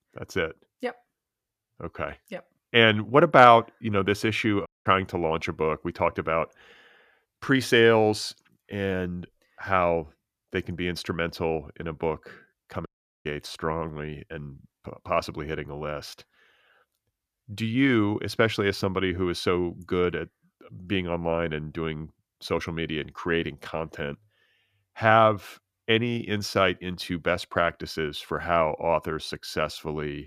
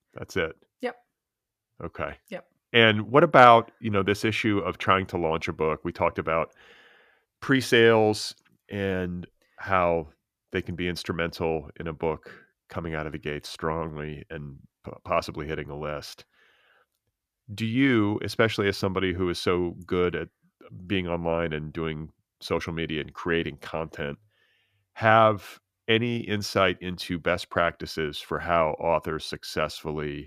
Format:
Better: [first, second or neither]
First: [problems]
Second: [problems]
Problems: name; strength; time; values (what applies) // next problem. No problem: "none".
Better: second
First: audio cutting out; at 4.5 s and at 13 s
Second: none